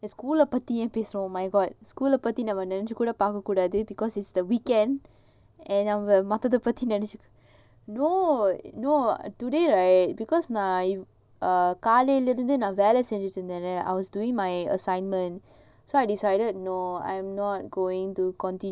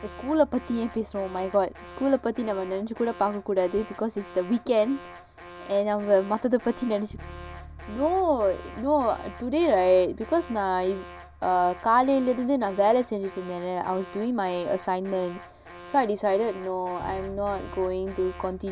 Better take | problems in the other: first | background sound (Alarm + Bass guitar); 17 dB below the speech

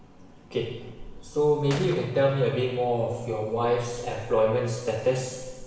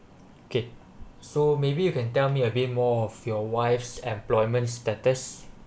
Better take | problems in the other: second | background sound (Gunshot, gunfire); 18 dB below the speech // room echo; dies away in 1.1 s

